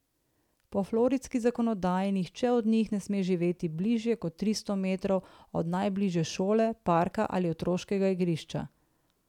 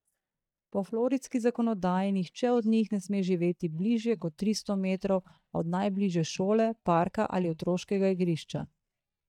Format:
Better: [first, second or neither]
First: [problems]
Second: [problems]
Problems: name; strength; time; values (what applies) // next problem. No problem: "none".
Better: first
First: none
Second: noise reduction (neural mask model DeepFilterNet 3)